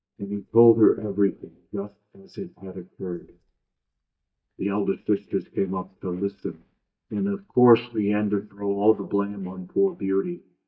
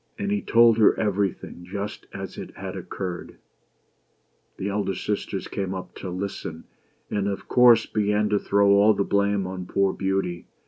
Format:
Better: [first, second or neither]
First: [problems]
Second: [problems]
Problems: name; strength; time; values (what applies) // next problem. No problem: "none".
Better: second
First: noise reduction (neural mask model DeepFilterNet 3)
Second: none